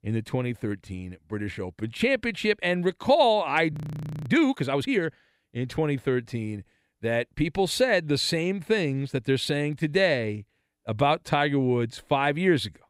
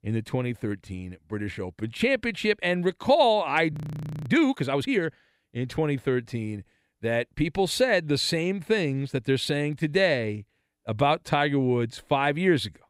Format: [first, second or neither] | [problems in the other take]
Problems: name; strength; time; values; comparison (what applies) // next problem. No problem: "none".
neither | audio freezing; at 3.5 s for 0.5 s; the same in both